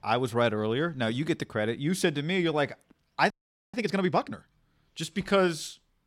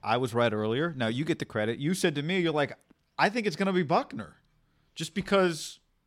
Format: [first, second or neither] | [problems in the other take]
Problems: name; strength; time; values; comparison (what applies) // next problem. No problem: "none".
second | audio freezing; at 3.5 s